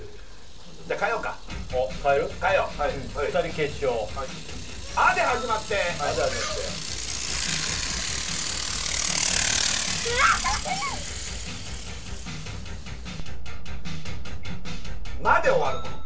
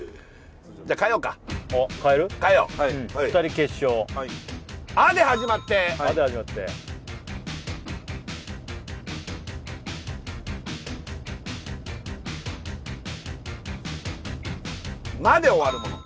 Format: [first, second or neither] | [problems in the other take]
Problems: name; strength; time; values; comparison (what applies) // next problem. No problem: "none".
second | background sound (Bicycle); 1 dB above the speech // room echo; dies away in 0.3 s